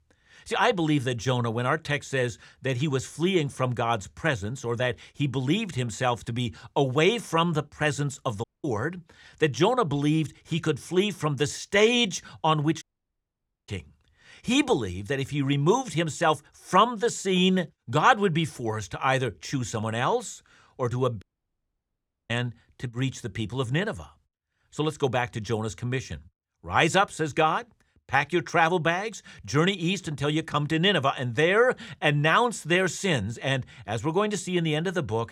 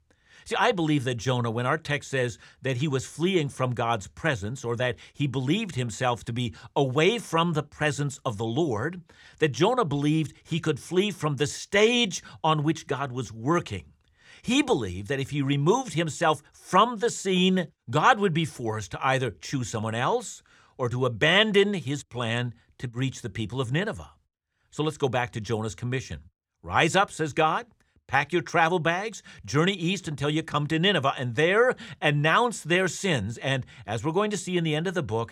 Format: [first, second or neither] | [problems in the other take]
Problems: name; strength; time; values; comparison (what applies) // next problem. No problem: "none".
second | audio cutting out; at 8.5 s, at 13 s for 1 s and at 21 s for 1 s